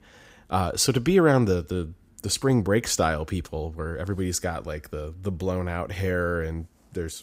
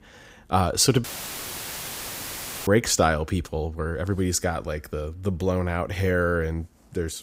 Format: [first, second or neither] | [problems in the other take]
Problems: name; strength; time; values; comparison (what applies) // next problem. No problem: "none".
first | audio cutting out; filled with static; at 1 s for 1.5 s